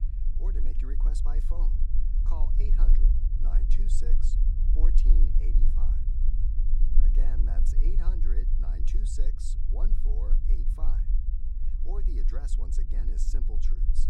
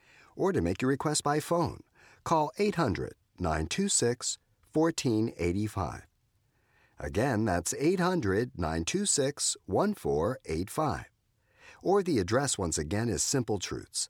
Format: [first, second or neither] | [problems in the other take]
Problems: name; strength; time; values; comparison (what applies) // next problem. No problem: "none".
second | low rumble; loud; throughout; 3 dB below the speech